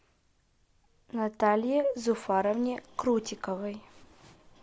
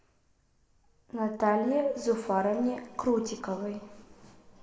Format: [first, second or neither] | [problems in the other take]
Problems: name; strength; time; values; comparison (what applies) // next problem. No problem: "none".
first | room echo; dies away in 1.5 s